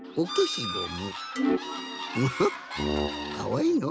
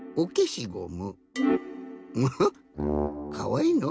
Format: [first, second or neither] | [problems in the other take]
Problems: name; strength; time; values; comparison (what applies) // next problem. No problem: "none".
second | background sound (Bird / Fowl); 8 dB below the speech